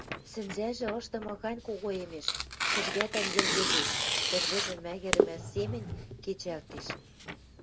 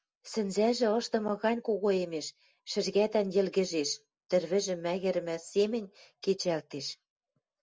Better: second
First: background sound (Tearing); 4 dB above the speech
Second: none

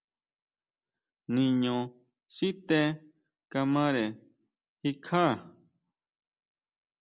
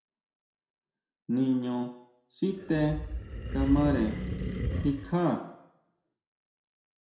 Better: first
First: none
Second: background sound (Animal); 2 dB below the speech // room echo; dies away in 0.6 s

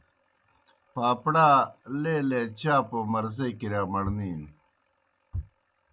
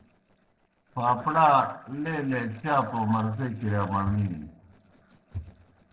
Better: first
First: none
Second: noise reduction (neural separator model SepFormer DNS4)

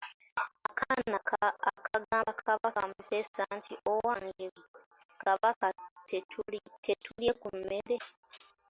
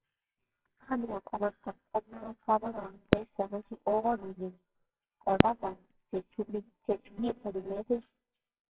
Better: first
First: none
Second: noise reduction (neural separator model SepFormer WHAMR!)

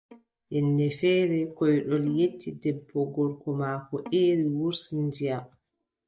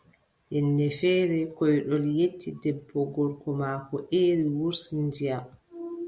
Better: second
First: noise reduction (neural mask model DeepFilterNet 3)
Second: none

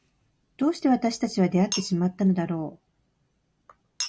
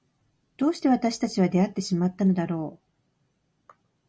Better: second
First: background sound (Chink, clink); 15 dB below the speech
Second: none

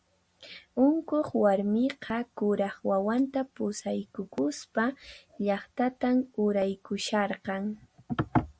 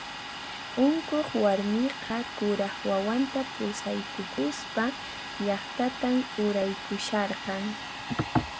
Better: first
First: none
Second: background sound (Domestic sounds, home sounds); 9 dB below the speech

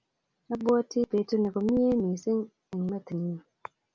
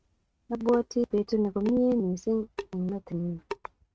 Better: first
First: none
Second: noise reduction (neural mask model RNNoise)

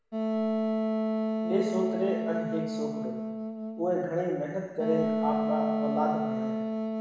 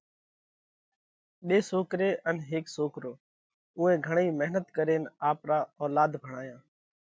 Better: second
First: background sound (Wind instrument, woodwind instrument); 2 dB above the speech // room echo; dies away in 1 s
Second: none

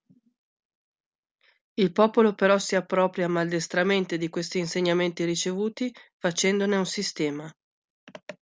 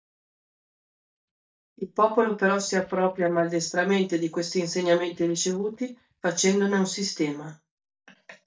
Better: first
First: none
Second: noise reduction (neural mask model DeepFilterNet 3)

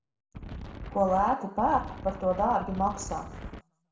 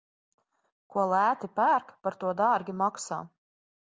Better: second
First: background sound (Wind); 11 dB below the speech // room echo; dies away in 0.7 s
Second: none

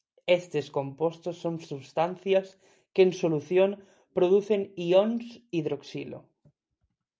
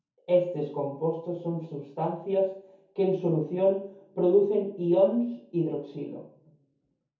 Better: first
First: none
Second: room echo; dies away in 0.6 s

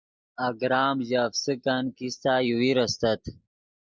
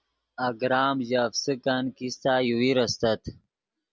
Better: second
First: noise reduction (neural mask model Resemble Enhance denoiser)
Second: none

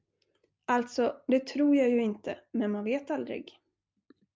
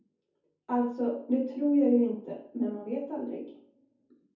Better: first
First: none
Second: room echo; dies away in 0.6 s

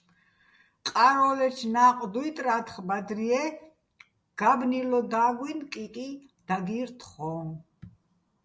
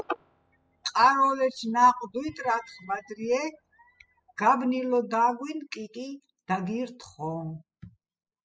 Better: first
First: none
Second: noise reduction (classical method spectral subtraction)

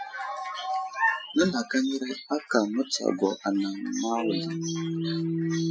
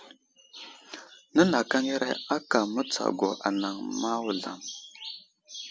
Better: second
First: noise reduction (classical method Wiener filter)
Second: none

